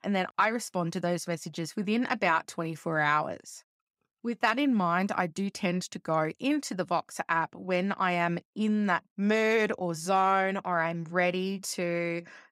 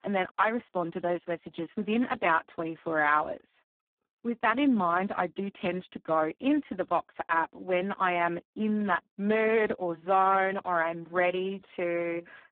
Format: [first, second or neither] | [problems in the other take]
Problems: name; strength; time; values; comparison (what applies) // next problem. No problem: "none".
first | phone-call audio; poor line